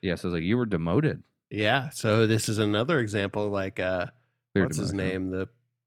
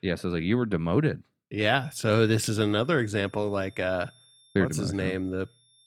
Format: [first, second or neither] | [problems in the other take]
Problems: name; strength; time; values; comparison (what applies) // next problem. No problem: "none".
first | high-pitched whine; faint; from 1.5 s on; 3.5 kHz, 30 dB below the speech